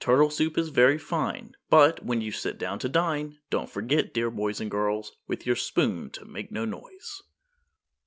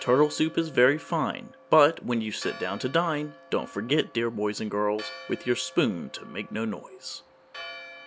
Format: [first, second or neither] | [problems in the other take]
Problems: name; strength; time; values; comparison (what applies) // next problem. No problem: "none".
first | background sound (Church bell); 19 dB below the speech